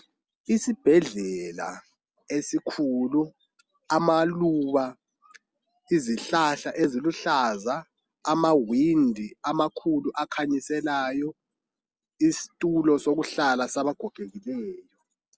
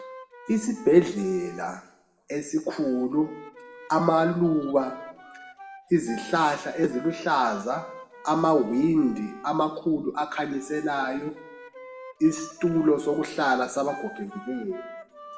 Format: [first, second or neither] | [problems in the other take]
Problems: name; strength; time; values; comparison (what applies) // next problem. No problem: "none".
first | background sound (Wind instrument, woodwind instrument); 18 dB below the speech // room echo; dies away in 0.8 s